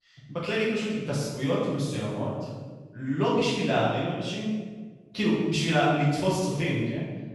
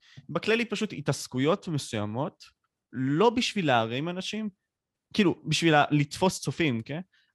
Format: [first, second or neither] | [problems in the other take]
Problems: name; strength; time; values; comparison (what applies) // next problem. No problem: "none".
second | off-mic speech; far // room echo; strong; dies away in 1.3 s